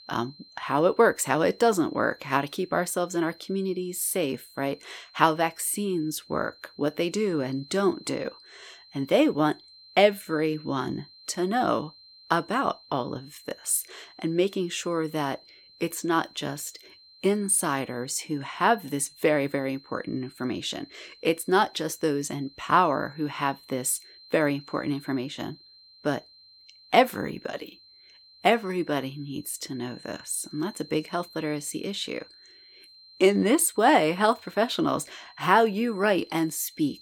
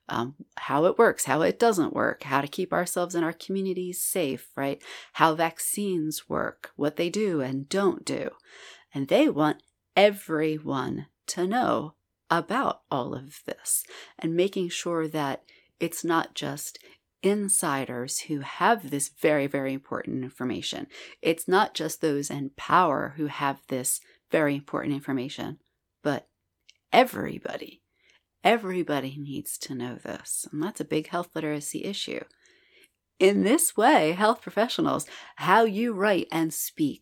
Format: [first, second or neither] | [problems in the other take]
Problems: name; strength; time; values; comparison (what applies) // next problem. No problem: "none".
second | high-pitched whine; faint; throughout; 4 kHz, 25 dB below the speech